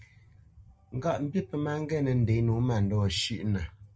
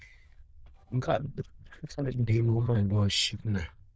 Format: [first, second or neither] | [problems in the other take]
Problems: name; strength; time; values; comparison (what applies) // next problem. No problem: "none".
first | noise reduction (neural diffusion model UNIVERSE++)